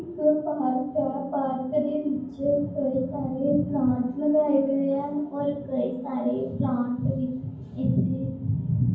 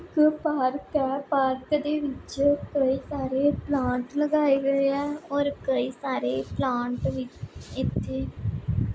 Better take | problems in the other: second | room echo; dies away in 0.9 s

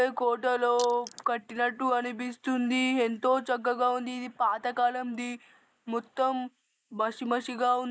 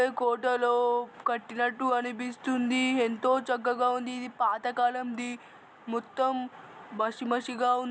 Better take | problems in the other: second | noise reduction (neural mask model Resemble Enhance denoiser)

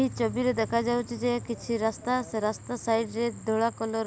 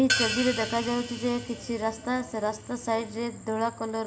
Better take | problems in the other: first | background sound (Hi-hat); 6 dB below the speech // room echo; dies away in 0.5 s

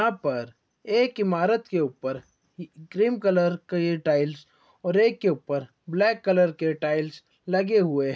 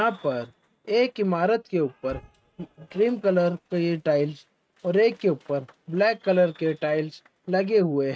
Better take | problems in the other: first | noise reduction (neural mask model RNNoise)

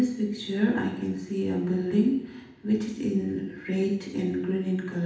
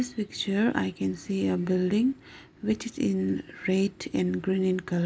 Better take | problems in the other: second | room echo; dies away in 0.8 s

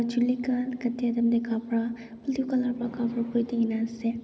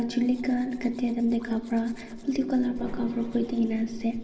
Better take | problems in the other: first | background sound (Domestic sounds, home sounds); 15 dB below the speech // room echo; dies away in 1.4 s

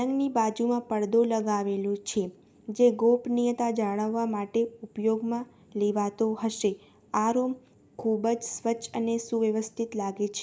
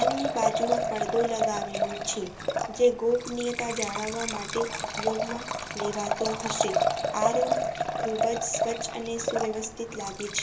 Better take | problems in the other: first | background sound (Liquid); 1 dB above the speech // room echo; dies away in 0.2 s

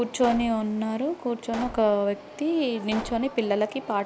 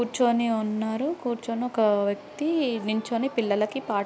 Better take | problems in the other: second | background sound (Explosion); 15 dB below the speech

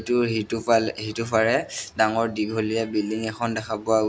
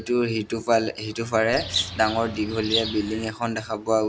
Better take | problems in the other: first | background sound (Bird); 6 dB below the speech

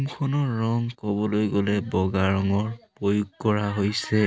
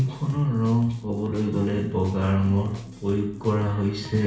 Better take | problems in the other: first | background sound (Drum kit); 17 dB below the speech // room echo; dies away in 0.6 s

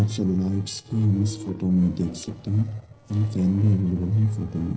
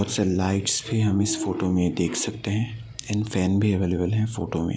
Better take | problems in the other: second | noise reduction (neural separator model SepFormer DNS4)

